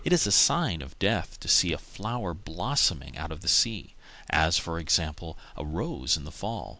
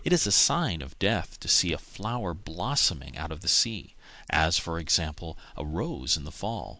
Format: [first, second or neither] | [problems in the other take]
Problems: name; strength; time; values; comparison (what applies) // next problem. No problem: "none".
first | noise reduction (neural mask model Resemble Enhance denoiser)